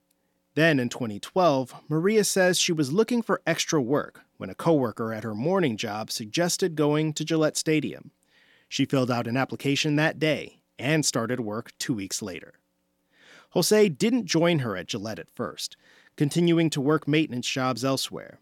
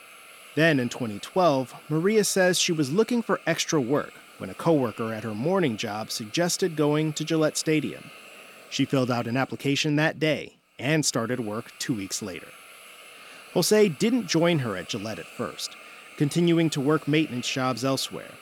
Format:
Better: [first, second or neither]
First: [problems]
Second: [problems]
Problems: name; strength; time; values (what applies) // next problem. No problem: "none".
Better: first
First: none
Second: hiss; faint; throughout; 20 dB below the speech